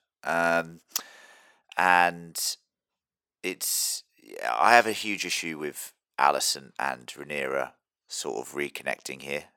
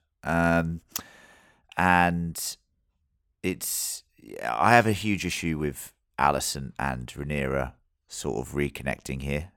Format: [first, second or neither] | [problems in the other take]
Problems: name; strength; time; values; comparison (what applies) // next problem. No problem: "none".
second | thin; somewhat; fading below 400 Hz